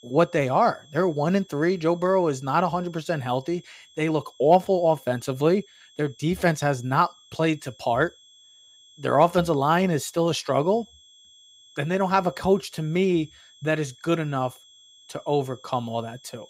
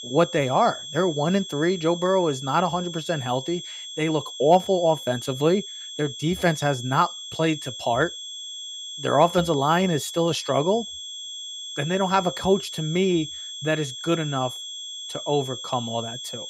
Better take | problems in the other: first | high-pitched whine; loud; throughout; 3.5 kHz, 9 dB below the speech; faint in the first

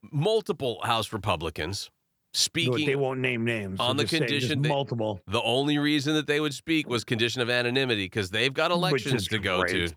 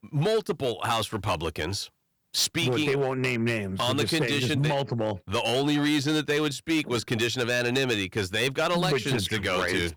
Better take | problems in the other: first | distortion; slight; 9% of the sound clipped

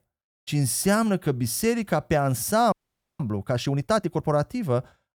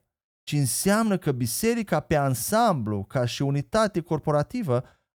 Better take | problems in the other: second | audio freezing; at 2.5 s

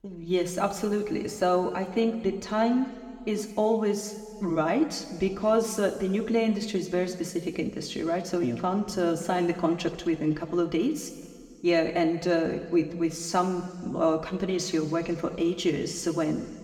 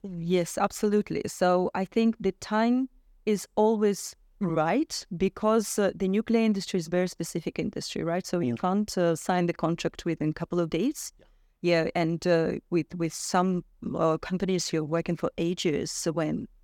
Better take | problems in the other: second | room echo; slight; dies away in 1.7 s

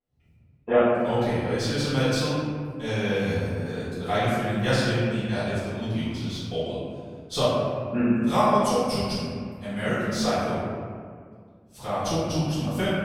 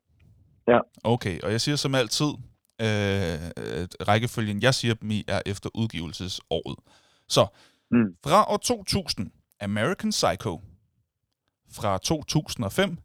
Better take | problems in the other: second | off-mic speech; far // room echo; strong; dies away in 1.8 s

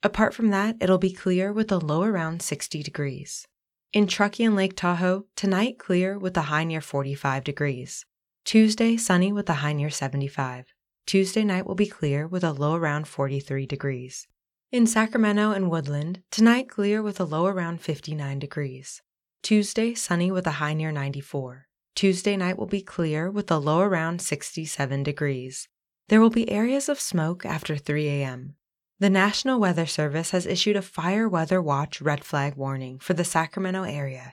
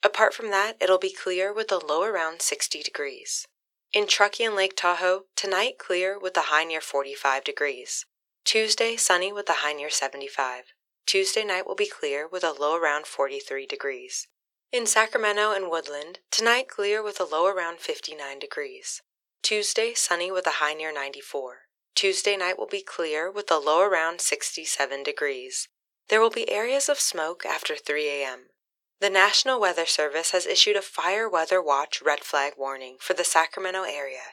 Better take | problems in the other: first | thin; very; fading below 400 Hz

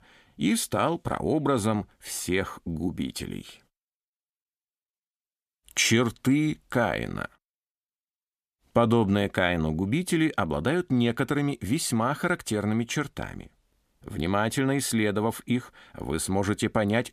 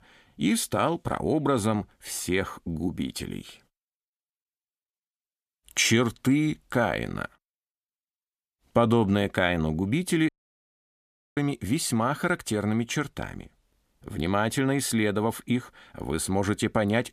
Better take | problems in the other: first | audio cutting out; at 10 s for 1 s

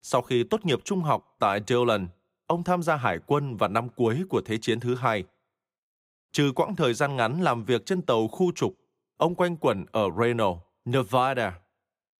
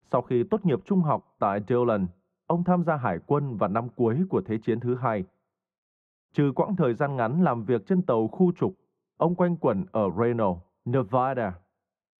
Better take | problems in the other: first | muffled; very; fading above 3 kHz

